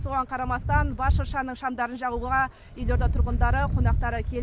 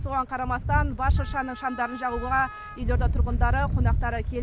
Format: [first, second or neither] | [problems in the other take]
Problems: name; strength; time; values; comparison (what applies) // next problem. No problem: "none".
first | background sound (Wind instrument, woodwind instrument); 17 dB below the speech